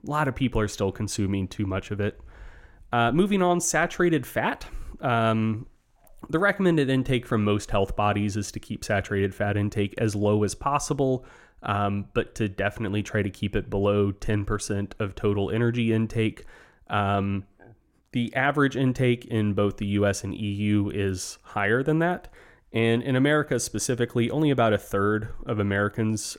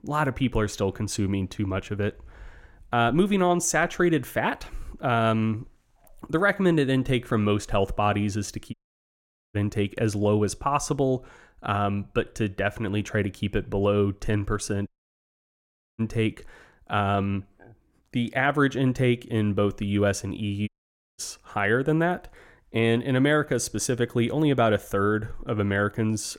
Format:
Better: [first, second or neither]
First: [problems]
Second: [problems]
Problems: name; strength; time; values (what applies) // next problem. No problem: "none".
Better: first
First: none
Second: audio cutting out; at 8.5 s for 1 s, at 15 s for 1 s and at 21 s for 0.5 s